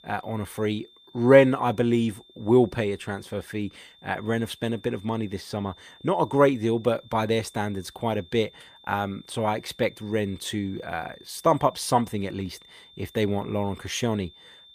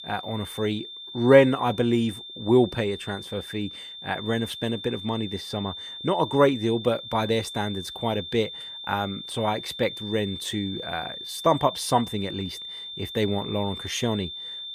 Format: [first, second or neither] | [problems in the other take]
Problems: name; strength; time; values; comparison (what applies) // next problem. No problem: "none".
first | high-pitched whine; loud; throughout; 3.5 kHz, 10 dB below the speech; faint in the first